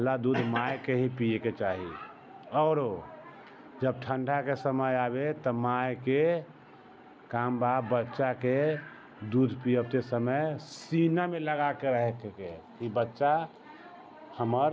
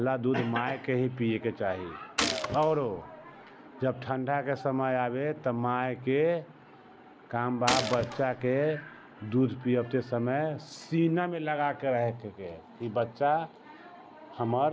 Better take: first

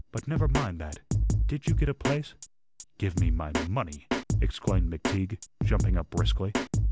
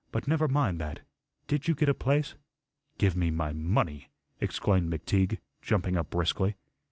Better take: second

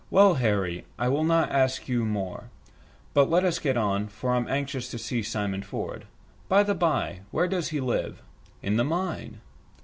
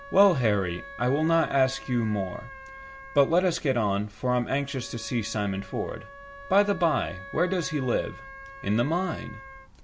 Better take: first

